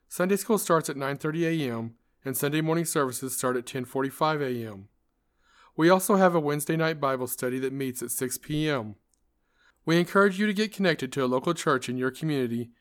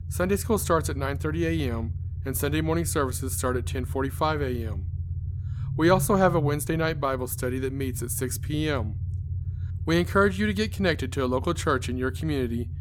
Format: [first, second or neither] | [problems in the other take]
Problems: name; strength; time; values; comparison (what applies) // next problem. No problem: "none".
first | low rumble; noticeable; throughout; 20 dB below the speech